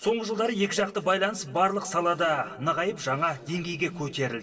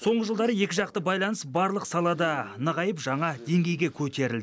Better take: second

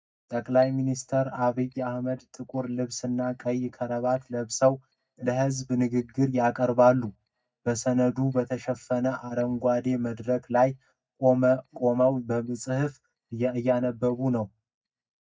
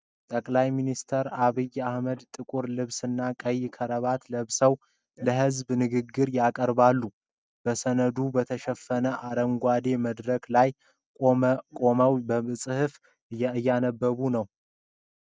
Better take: second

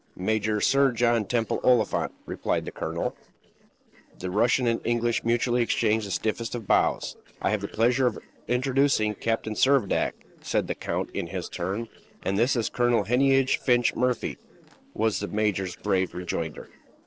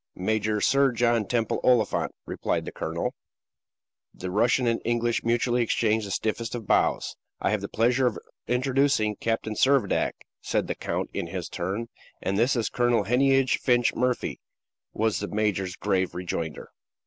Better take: second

